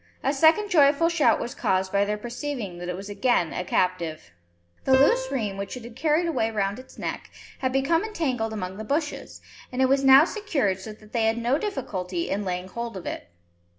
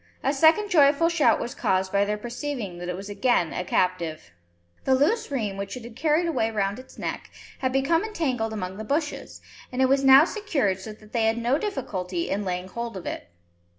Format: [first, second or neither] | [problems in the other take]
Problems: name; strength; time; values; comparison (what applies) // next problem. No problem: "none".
second | background sound (Piano); 8 dB below the speech